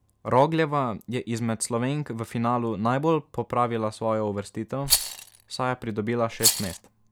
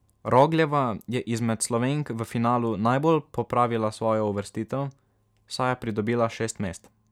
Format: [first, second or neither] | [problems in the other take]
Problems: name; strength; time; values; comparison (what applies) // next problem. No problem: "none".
second | background sound (Rattle); 2 dB below the speech